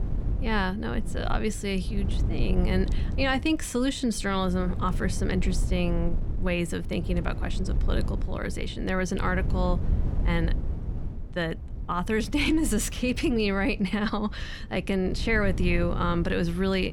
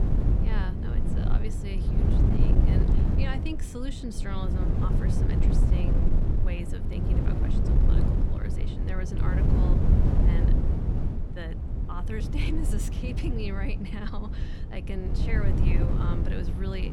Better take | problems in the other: first | wind noise on the microphone; heavy; 2 dB above the speech; occasional gusts in the first

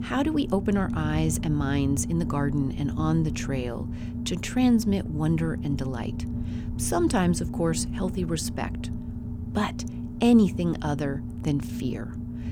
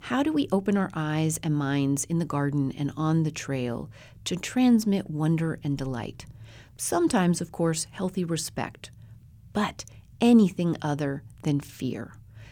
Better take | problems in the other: second | low rumble; noticeable; throughout; 10 dB below the speech

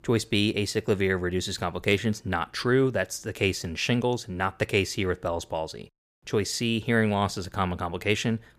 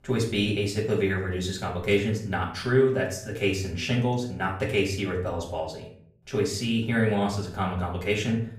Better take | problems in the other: first | off-mic speech; far // room echo; slight; dies away in 0.5 s

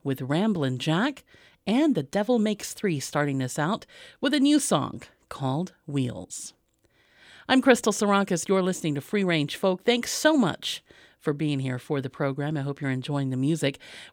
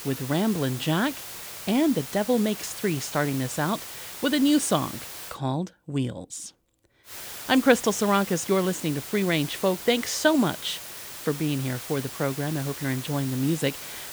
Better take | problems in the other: first | hiss; noticeable; until 5.5 s and from 7 s on; 10 dB below the speech

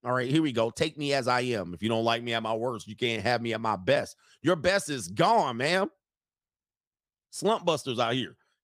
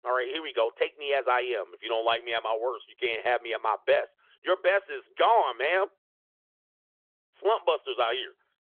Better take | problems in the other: first | phone-call audio; nothing above 3.5 kHz

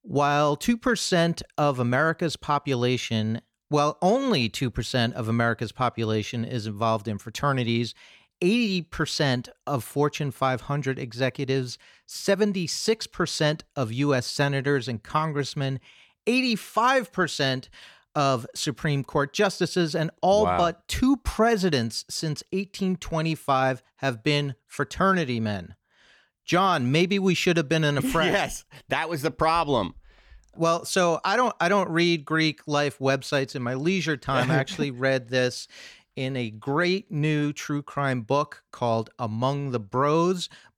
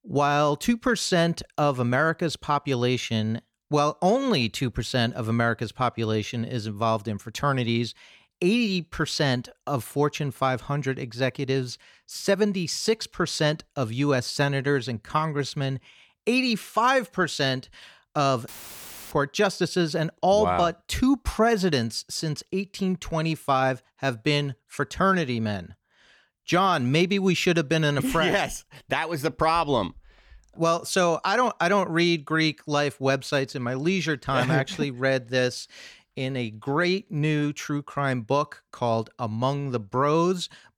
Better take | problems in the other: first | audio cutting out; filled with static; at 18 s for 0.5 s

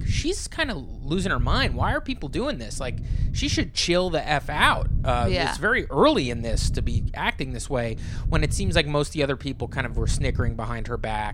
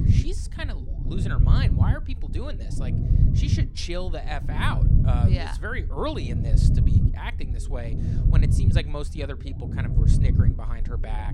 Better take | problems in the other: first | low rumble; loud; throughout; 2 dB below the speech; faint in the first

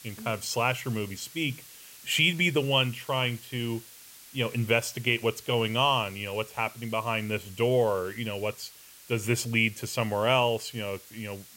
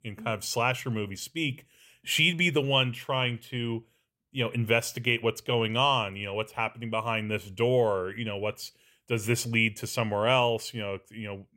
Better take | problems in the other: second | hiss; noticeable; throughout; 20 dB below the speech

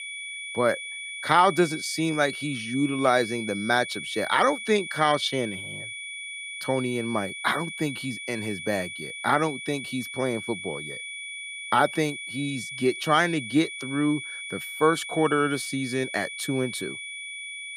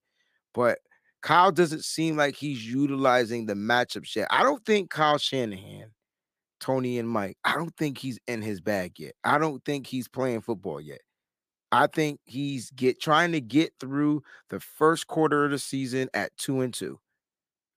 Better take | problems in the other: second | high-pitched whine; loud; throughout; 2.5 kHz, 8 dB below the speech

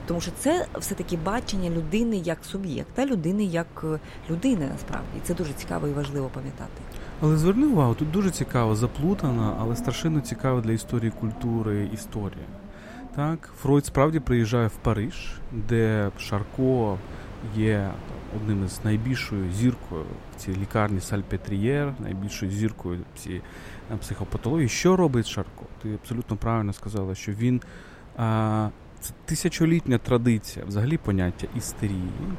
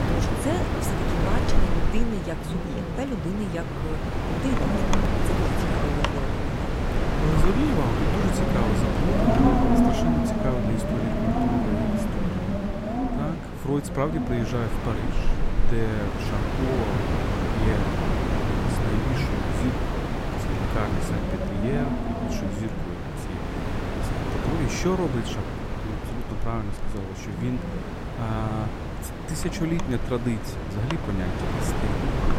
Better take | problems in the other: first | wind noise on the microphone; heavy; 4 dB above the speech; occasional gusts in the first

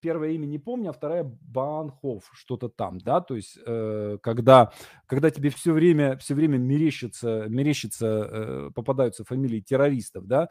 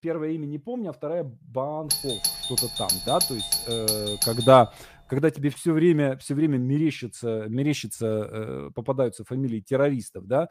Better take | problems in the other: first | doorbell; loud; from 2 to 4.5 s; peak 2 dB above the speech

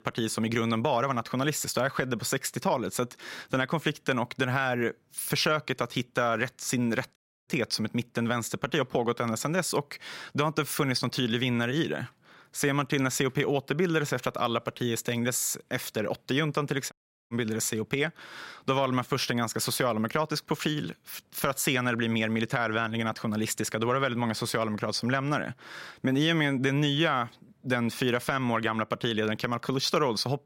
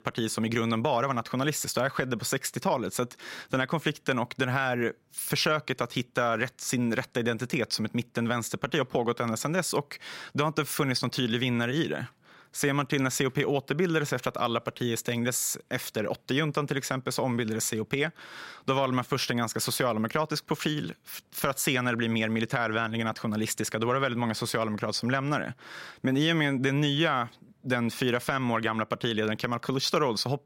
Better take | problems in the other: second | audio cutting out; at 7 s and at 17 s

